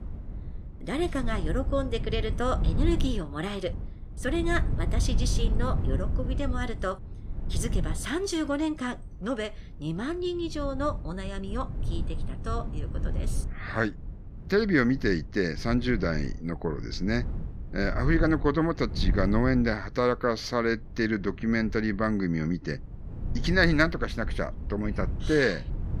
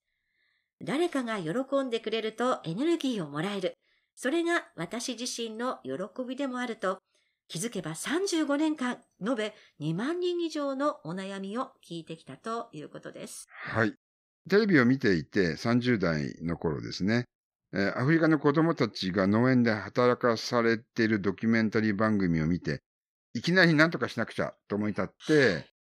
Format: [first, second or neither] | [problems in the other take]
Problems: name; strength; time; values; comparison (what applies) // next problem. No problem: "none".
second | wind noise on the microphone; occasional gusts; 15 dB below the speech